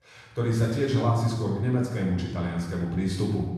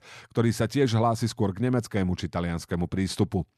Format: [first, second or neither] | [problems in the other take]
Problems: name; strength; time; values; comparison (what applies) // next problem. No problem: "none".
second | off-mic speech; far // room echo; noticeable; dies away in 0.9 s